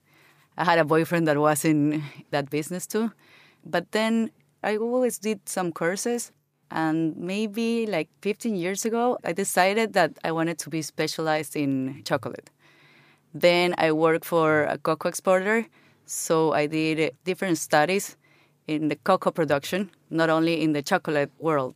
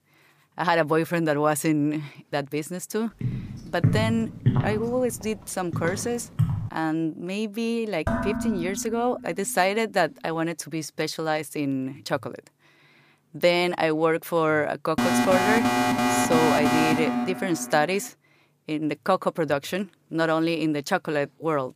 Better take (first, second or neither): first